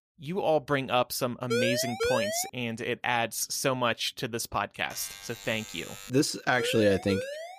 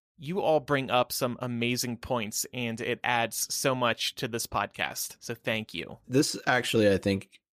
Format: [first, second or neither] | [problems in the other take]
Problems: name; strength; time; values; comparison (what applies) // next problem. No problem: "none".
second | siren; loud; at 1.5 s; peak level with the speech // alarm; faint; from 5 to 6 s; peak 15 dB below the speech // siren; noticeable; from 6.5 s on; peak 6 dB below the speech